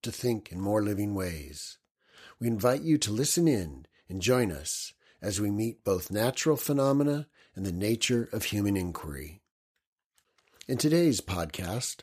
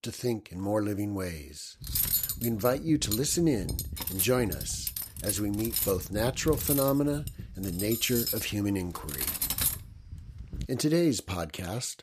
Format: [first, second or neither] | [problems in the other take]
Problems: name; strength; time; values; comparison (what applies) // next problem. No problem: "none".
first | clattering dishes; loud; from 2 to 11 s; peak 4 dB above the speech